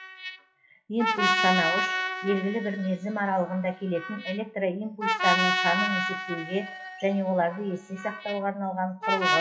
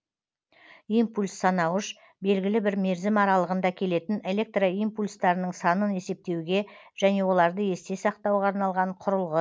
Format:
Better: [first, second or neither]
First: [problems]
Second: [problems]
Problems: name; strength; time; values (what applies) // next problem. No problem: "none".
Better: second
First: noise reduction (classical method WPE with log-MMSE)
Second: none